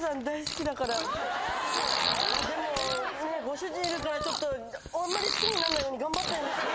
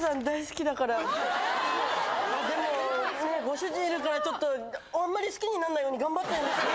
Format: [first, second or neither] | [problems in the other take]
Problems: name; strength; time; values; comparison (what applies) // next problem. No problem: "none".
second | background sound (Fart); 3 dB below the speech